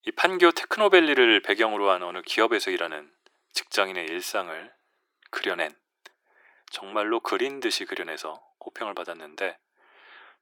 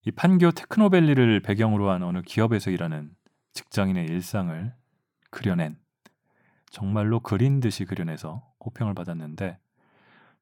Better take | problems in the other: second | thin; very; fading below 350 Hz

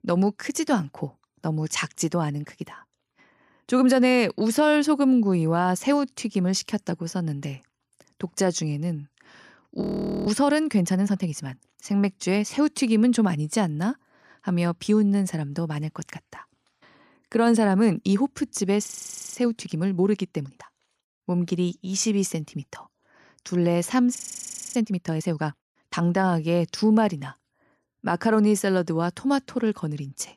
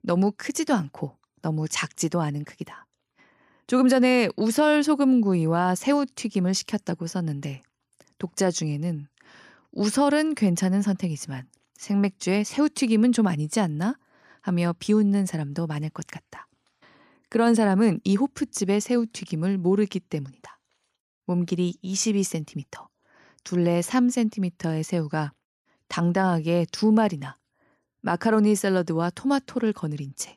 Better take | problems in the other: second | audio freezing; at 10 s, at 19 s for 0.5 s and at 24 s for 0.5 s

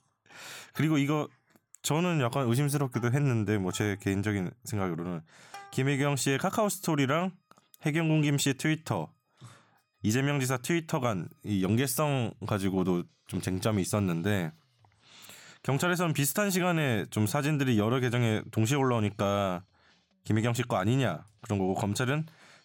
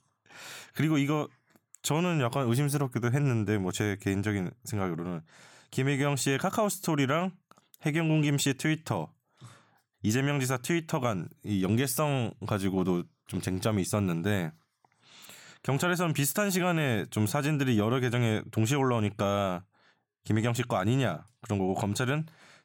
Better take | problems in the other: second | background music; faint; throughout; 30 dB below the speech

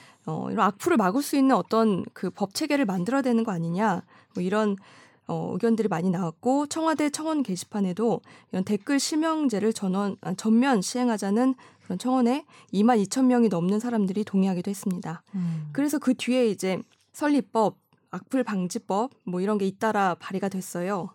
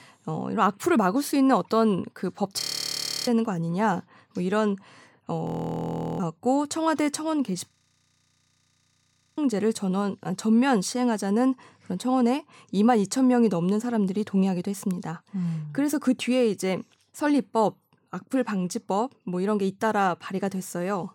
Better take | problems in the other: first | audio freezing; at 2.5 s for 0.5 s, at 5.5 s for 0.5 s and at 7.5 s for 1.5 s

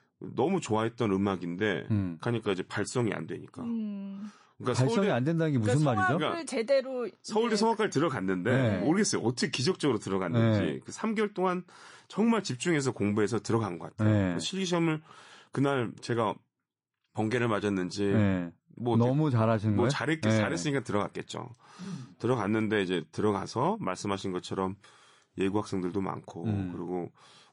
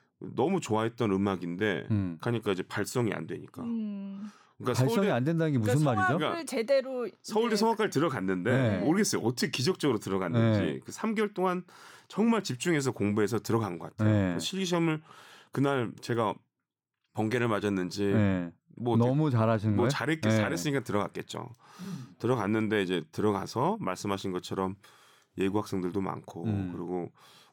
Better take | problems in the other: second | garbled, watery; slightly; nothing above 10.5 kHz

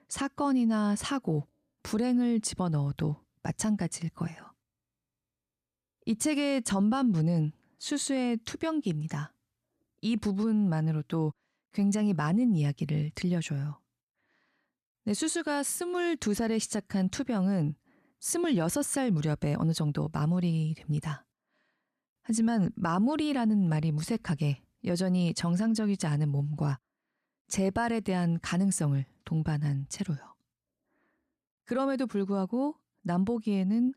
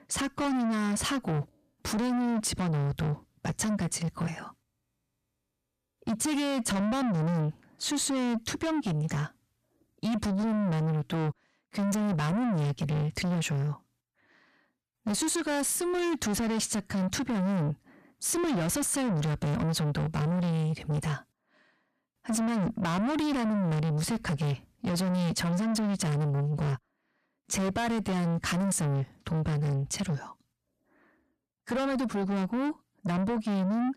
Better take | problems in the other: first | distortion; heavy; 7 dB below the speech

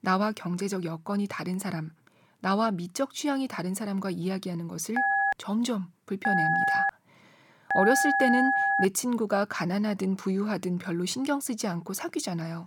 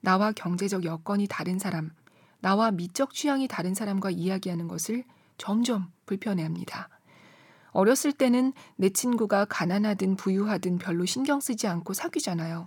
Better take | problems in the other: second | phone ringing; loud; from 5 to 9 s; peak 6 dB above the speech

